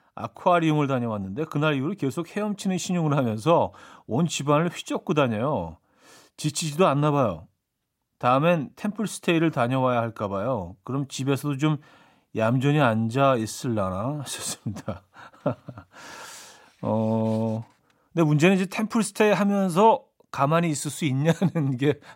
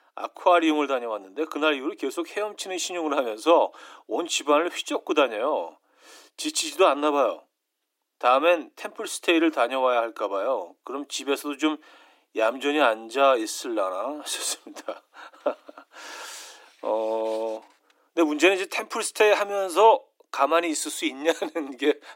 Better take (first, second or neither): first